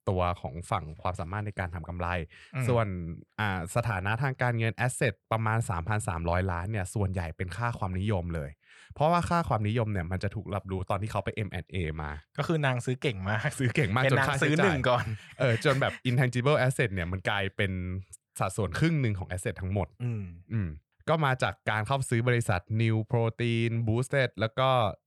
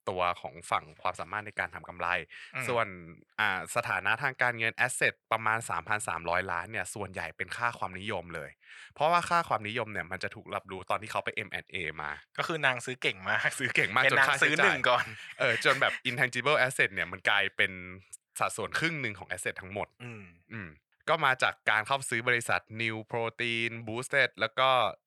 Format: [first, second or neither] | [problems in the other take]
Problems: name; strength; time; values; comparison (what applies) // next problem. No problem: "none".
first | thin; somewhat; fading below 750 Hz